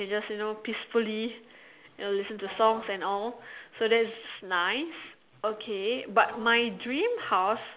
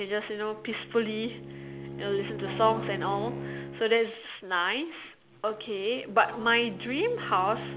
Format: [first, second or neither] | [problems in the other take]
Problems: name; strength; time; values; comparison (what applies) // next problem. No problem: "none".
first | background sound (Bowed string instrument); 11 dB below the speech